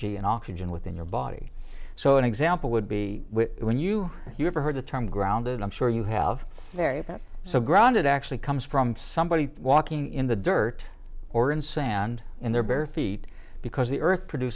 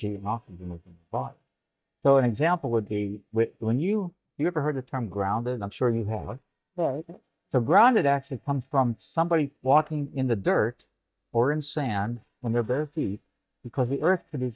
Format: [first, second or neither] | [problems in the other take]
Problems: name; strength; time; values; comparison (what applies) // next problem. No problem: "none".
first | noise reduction (neural mask model DeepFilterNet 3)